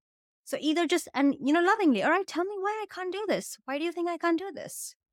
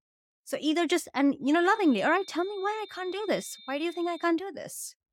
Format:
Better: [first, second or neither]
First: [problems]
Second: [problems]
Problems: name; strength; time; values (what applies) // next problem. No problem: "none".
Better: first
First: none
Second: high-pitched whine; noticeable; from 1.5 to 4.5 s; 3.5 kHz, 20 dB below the speech